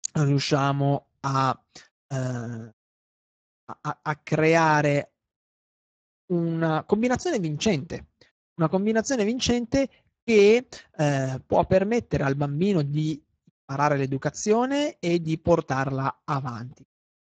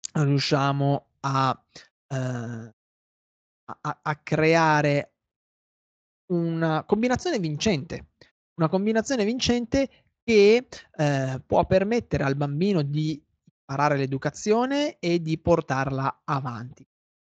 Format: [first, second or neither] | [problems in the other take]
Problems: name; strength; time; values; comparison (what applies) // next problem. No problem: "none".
second | garbled, watery; badly; slightly in the second